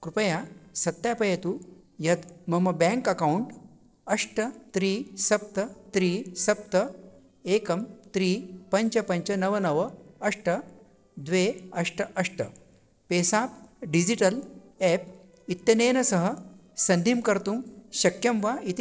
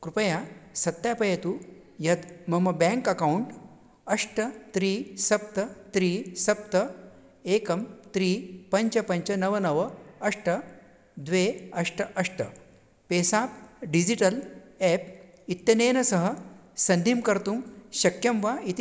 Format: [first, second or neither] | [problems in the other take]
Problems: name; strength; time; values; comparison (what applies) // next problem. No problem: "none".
second | noise reduction (neural separator model SepFormer DNS4)